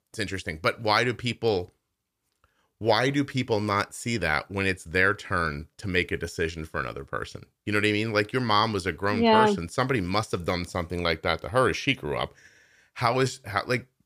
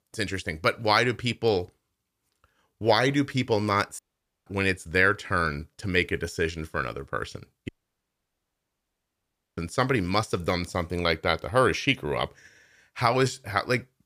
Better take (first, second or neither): first